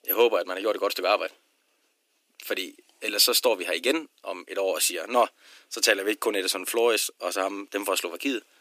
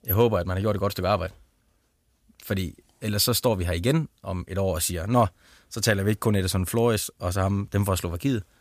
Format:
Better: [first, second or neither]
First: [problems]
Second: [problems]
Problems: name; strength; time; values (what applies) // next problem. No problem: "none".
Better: second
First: thin; very; fading below 300 Hz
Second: none